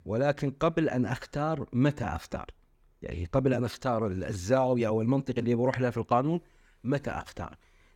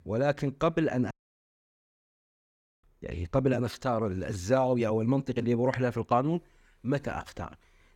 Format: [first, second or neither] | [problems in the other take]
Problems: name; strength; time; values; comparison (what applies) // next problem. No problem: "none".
first | audio cutting out; at 1 s for 1.5 s